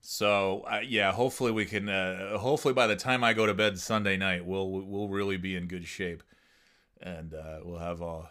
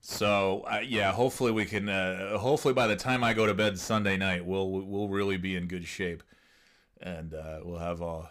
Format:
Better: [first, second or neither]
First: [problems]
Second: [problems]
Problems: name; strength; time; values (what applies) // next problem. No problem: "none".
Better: first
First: none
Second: distortion; slight; 10 dB below the speech